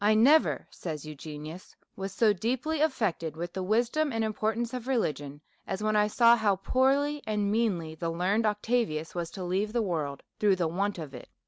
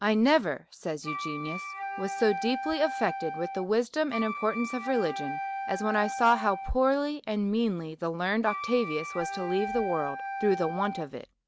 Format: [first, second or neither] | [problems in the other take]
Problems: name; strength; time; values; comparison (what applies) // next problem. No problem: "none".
first | background sound (Wind instrument, woodwind instrument); 7 dB below the speech